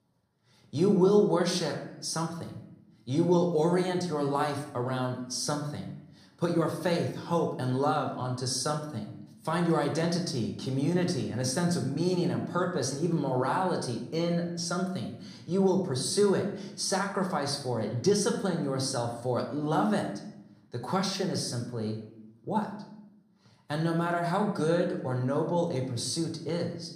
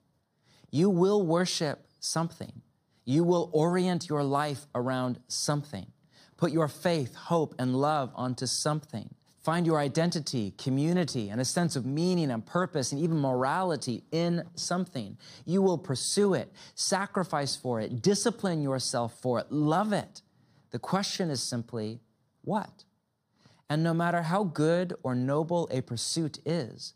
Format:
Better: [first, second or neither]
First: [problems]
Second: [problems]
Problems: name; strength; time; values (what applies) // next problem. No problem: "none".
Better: second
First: room echo; slight; dies away in 0.6 s // off-mic speech; somewhat distant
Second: none